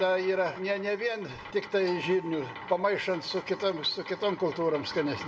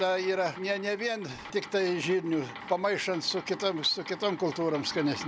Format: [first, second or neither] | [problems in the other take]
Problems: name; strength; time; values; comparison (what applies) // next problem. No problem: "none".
second | background sound (Doorbell); 19 dB below the speech // room echo; dies away in 0.8 s